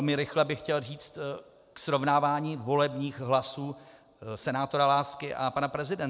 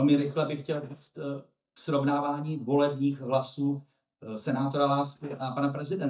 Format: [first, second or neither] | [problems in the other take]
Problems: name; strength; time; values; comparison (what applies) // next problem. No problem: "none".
first | noise reduction (neural mask model DeepFilterNet 3)